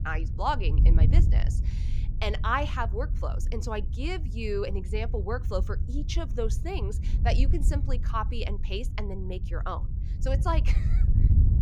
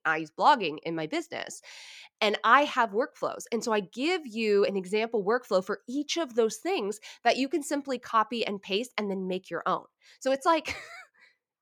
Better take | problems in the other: second | wind noise on the microphone; occasional gusts; 10 dB below the speech

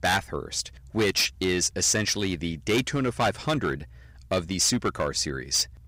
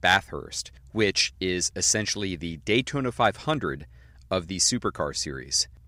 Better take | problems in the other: second | distortion; heavy; 8% of the sound clipped

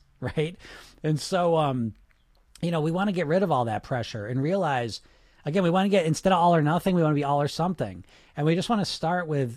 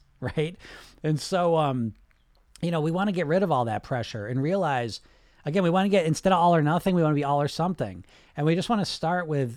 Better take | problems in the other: second | garbled, watery; slightly; nothing above 14.5 kHz

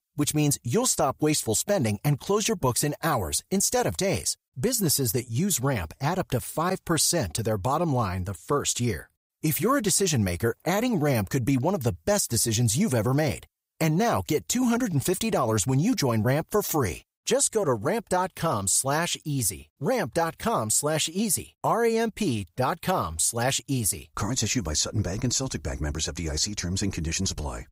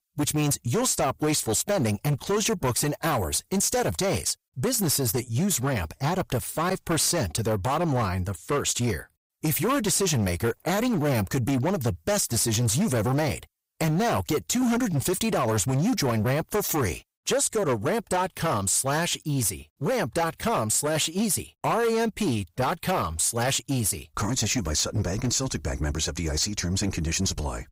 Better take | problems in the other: first | distortion; slight; 15% of the sound clipped

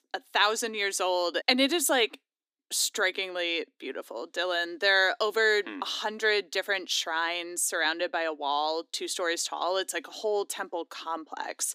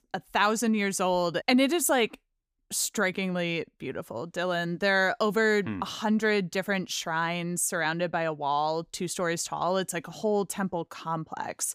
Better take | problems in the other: second | thin; somewhat; fading below 250 Hz

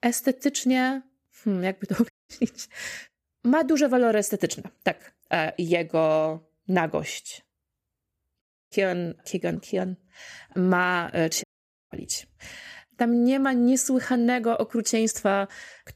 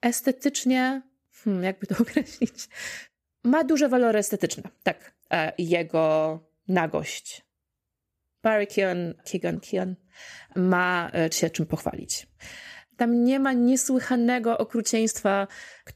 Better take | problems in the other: second | audio cutting out; at 2 s, at 8.5 s and at 11 s

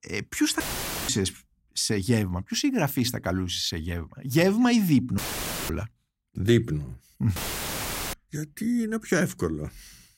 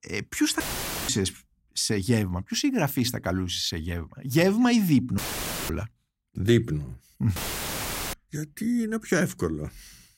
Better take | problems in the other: neither | audio cutting out; filled with static; at 0.5 s, at 5 s for 0.5 s and at 7.5 s for 1 s; the same in both

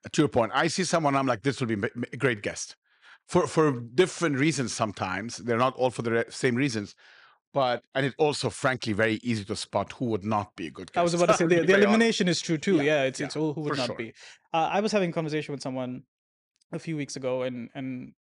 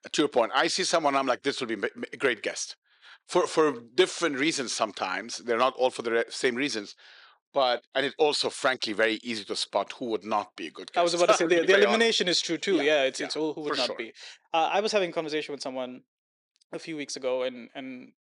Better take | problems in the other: first | thin; somewhat; fading below 400 Hz

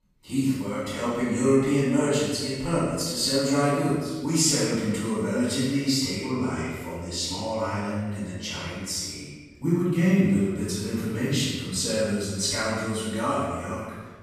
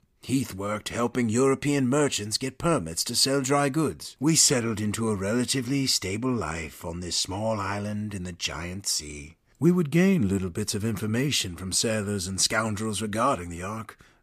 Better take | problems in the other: second | off-mic speech; far // room echo; strong; dies away in 1.1 s

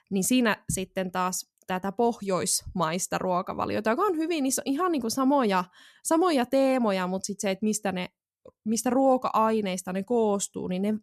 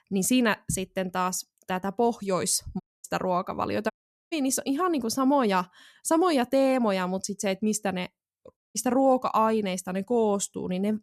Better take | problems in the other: first | audio cutting out; at 3 s, at 4 s and at 8.5 s

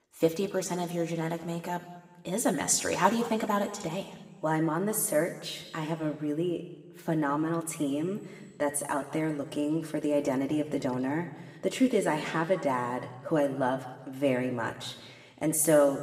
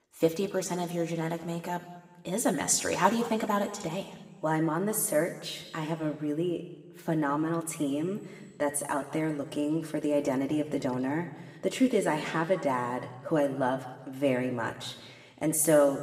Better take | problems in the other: neither | room echo; slight; dies away in 1.3 s; the same in both // off-mic speech; somewhat distant; the same in both

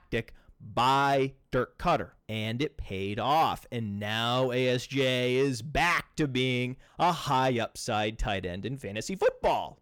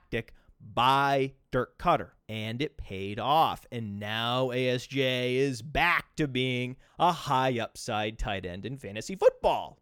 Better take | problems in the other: second | distortion; slight; 10 dB below the speech

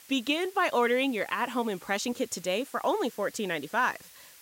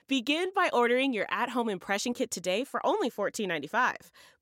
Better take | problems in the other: second | hiss; faint; throughout; 20 dB below the speech

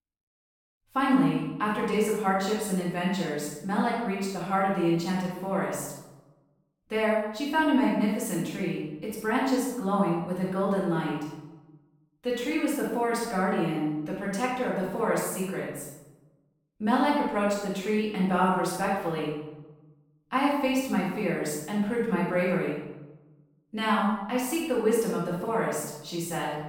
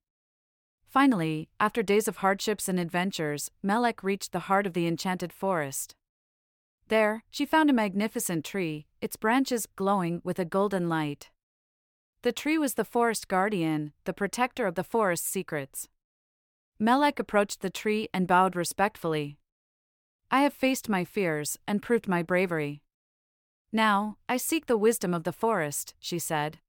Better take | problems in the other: second | off-mic speech; far // room echo; strong; dies away in 0.8 s

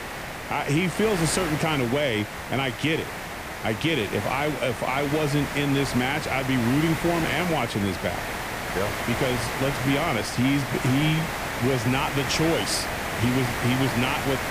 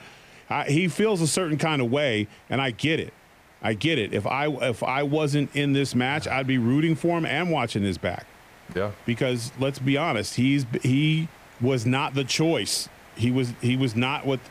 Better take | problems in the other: second | hiss; loud; throughout; 4 dB below the speech; faint in the second

